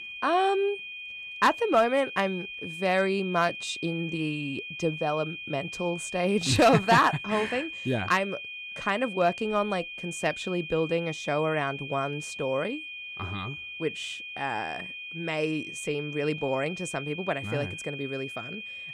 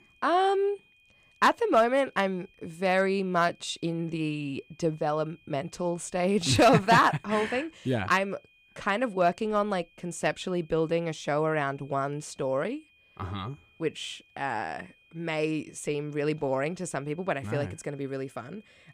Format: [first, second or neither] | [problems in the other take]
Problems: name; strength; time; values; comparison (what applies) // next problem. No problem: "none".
second | high-pitched whine; loud; throughout; 2.5 kHz, 9 dB below the speech; faint in the second